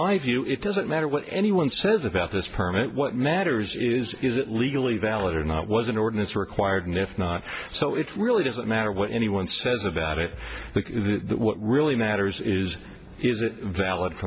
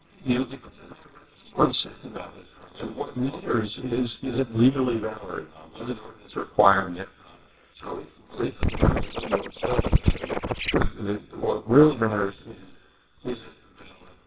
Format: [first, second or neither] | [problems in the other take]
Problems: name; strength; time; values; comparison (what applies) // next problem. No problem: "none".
first | noise reduction (neural separator model SepFormer WHAMR!)